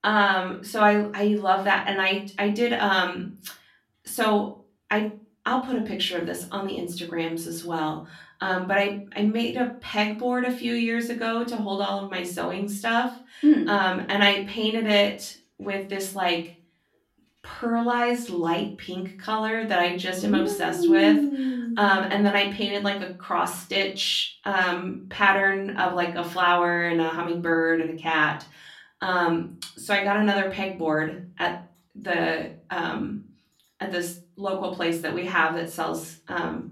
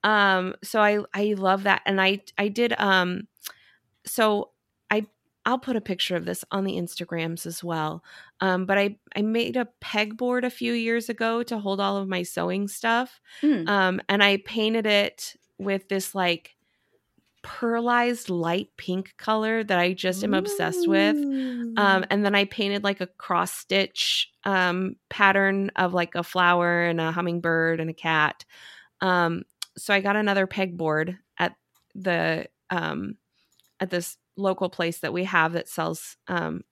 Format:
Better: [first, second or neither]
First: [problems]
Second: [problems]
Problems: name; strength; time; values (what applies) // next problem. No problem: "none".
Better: second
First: off-mic speech; far // room echo; very slight; dies away in 0.3 s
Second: none